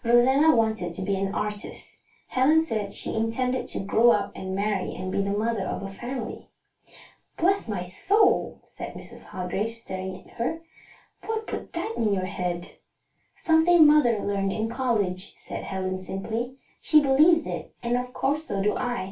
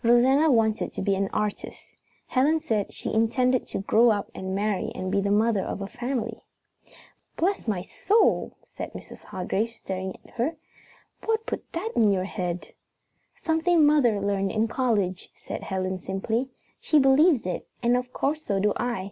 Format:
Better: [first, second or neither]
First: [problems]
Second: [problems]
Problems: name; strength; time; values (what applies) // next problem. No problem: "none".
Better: second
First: room echo; dies away in 0.2 s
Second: none